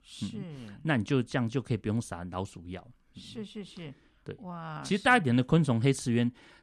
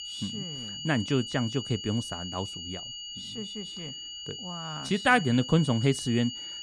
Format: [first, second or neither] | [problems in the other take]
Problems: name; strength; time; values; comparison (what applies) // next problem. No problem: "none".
first | high-pitched whine; loud; throughout; 3 kHz, 9 dB below the speech